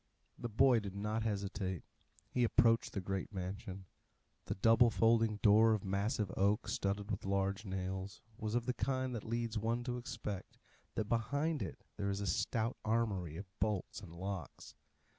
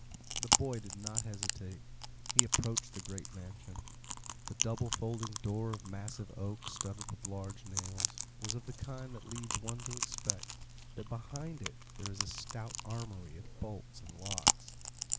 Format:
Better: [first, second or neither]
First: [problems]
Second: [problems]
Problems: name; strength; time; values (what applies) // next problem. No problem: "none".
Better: first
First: none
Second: background sound (Chewing, mastication); 3 dB above the speech